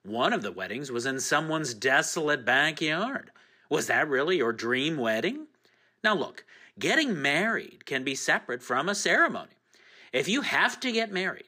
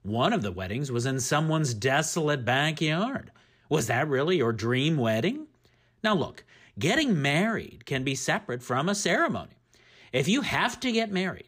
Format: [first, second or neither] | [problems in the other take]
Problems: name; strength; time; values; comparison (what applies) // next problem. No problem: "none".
second | thin; somewhat; fading below 300 Hz